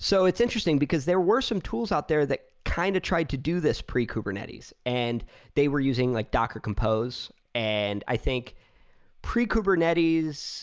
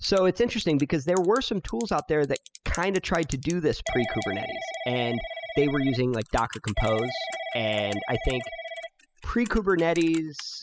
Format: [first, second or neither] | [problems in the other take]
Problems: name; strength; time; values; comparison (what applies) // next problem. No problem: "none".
first | noise reduction (classical method spectral subtraction)